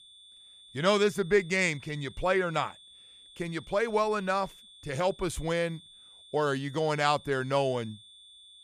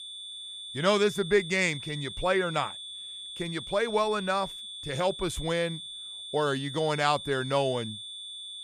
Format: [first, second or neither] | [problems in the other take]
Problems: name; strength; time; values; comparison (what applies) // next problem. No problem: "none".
first | high-pitched whine; loud; throughout; 3.5 kHz, 10 dB below the speech; faint in the first